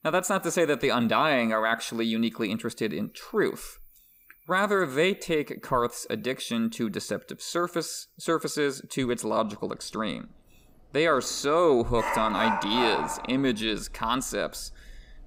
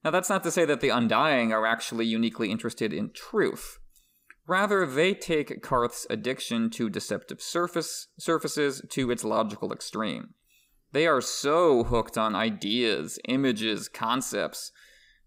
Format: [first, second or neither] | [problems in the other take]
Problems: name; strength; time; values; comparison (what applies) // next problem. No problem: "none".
second | animal sounds; loud; throughout; 4 dB below the speech